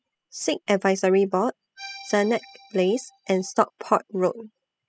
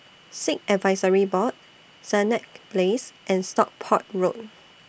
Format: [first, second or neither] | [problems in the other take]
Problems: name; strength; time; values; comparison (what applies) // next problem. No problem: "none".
second | noise reduction (classical method spectral subtraction)